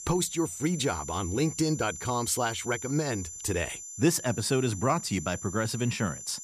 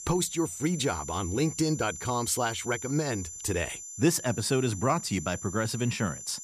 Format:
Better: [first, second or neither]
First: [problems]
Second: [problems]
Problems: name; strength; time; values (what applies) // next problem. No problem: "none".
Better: neither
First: high-pitched whine; loud; throughout; 7 kHz, 9 dB below the speech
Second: high-pitched whine; loud; throughout; 7 kHz, 9 dB below the speech